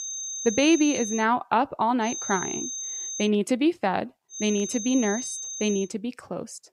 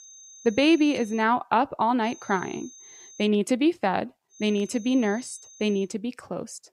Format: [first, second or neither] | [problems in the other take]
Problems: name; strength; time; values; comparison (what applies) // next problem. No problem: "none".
second | high-pitched whine; loud; until 1 s, from 2 to 3 s and from 4.5 to 6 s; 6.5 kHz, 6 dB below the speech; faint in the second